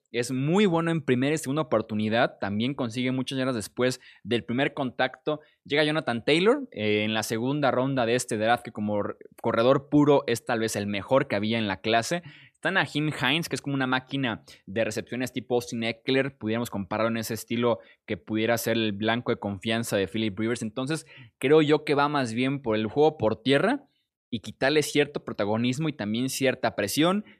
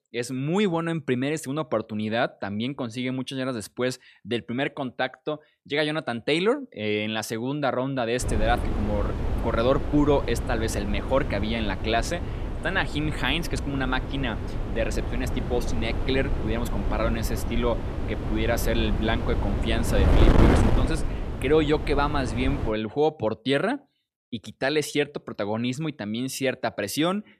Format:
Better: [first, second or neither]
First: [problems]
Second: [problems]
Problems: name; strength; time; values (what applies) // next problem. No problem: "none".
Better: first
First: none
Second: wind noise on the microphone; heavy; from 8 to 23 s; 6 dB below the speech